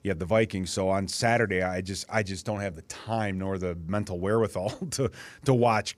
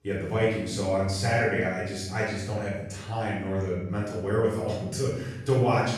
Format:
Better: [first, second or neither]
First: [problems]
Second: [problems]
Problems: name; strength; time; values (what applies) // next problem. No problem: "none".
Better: first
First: none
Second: room echo; noticeable; dies away in 0.9 s // off-mic speech; far